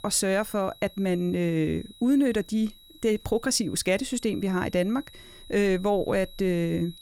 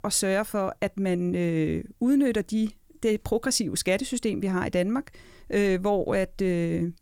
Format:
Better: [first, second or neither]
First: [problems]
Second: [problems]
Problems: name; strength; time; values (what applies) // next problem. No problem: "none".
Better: second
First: high-pitched whine; faint; throughout; 4 kHz, 20 dB below the speech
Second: none